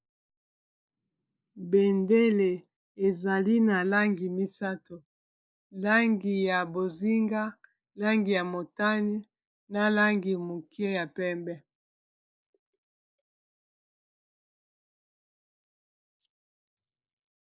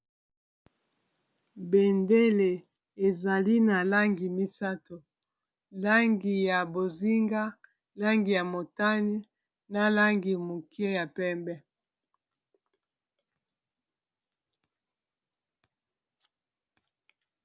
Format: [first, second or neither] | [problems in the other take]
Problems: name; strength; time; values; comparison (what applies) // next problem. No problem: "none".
second | noise reduction (neural mask model Resemble Enhance denoiser)